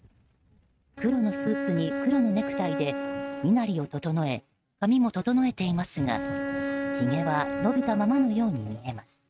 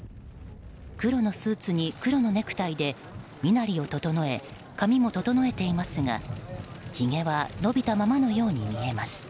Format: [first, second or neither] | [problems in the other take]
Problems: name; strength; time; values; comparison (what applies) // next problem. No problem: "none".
second | noise reduction (neural mask model RNNoise)